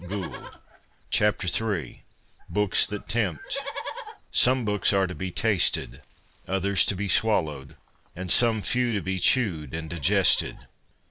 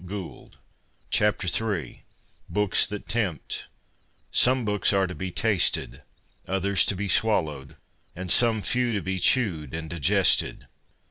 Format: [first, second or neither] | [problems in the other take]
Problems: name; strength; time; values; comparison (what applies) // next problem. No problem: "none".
second | background sound (Livestock, farm animals, working animals); 16 dB below the speech